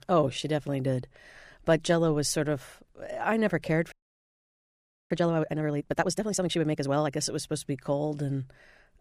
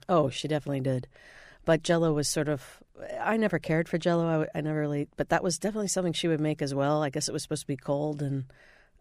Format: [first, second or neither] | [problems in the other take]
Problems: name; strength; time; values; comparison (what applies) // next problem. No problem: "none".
second | audio freezing; at 4 s for 1 s